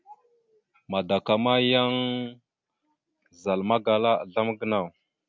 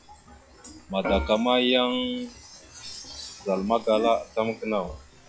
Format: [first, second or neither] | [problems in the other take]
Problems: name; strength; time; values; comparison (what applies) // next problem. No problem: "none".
first | noise reduction (classical method log-MMSE)